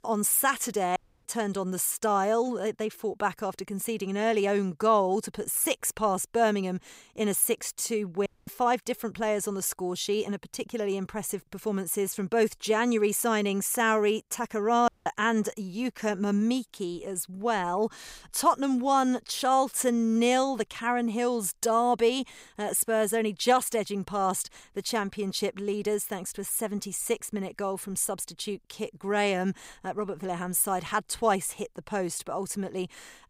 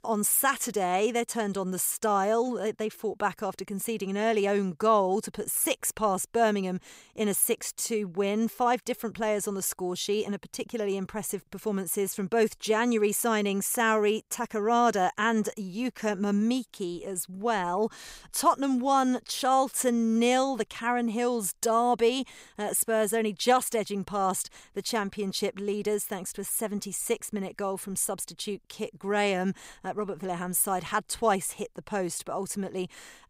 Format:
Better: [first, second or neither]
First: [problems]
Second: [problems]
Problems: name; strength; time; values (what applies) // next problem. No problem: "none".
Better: second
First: audio cutting out; at 1 s, at 8.5 s and at 15 s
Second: none